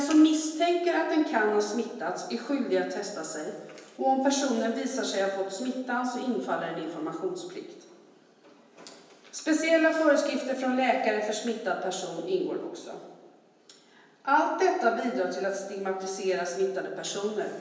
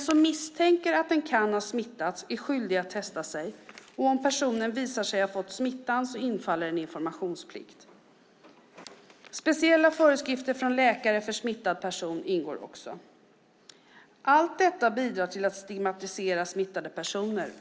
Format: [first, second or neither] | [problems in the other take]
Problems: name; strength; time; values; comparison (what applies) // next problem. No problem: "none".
second | room echo; dies away in 1 s